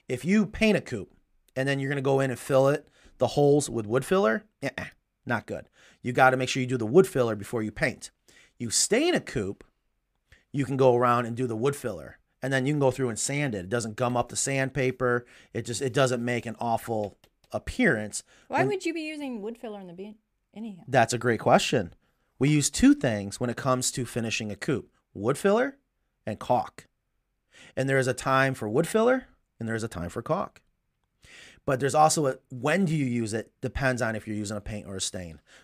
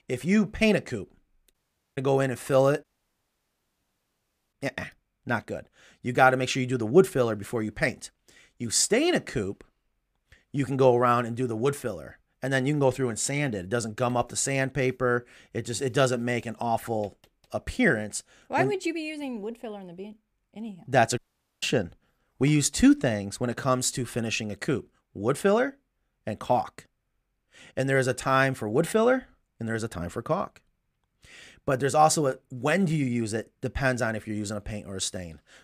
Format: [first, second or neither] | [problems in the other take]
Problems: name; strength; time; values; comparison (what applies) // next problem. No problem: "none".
first | audio cutting out; at 1.5 s, at 3 s for 1.5 s and at 21 s